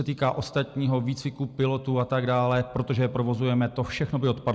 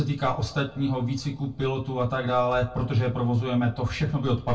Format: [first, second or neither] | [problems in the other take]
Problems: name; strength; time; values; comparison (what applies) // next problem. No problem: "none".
first | room echo; dies away in 0.2 s